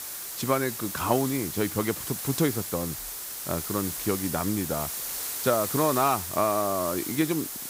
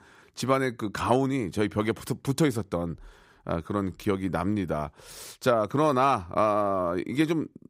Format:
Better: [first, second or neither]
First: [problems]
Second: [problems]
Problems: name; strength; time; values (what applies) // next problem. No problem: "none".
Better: second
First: hiss; loud; throughout; 4 dB below the speech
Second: none